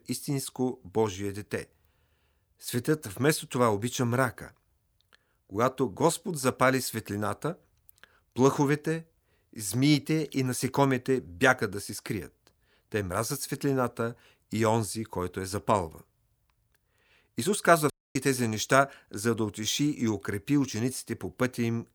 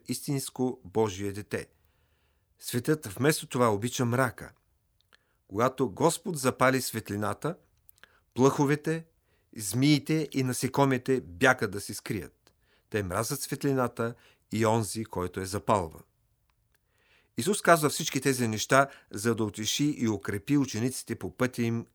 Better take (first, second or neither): second